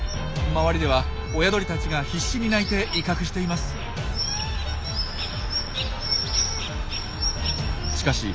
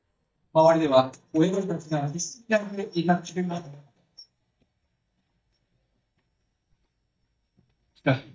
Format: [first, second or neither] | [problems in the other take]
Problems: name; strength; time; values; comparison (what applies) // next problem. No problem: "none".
first | noise reduction (neural mask model DeepFilterNet 3)